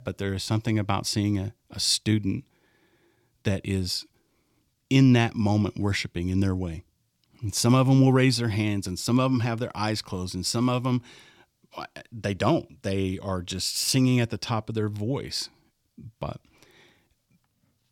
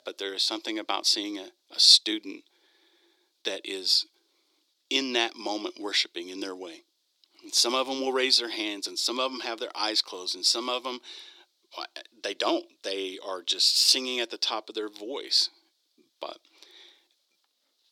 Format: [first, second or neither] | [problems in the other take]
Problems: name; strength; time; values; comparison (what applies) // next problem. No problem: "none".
first | thin; very; fading below 350 Hz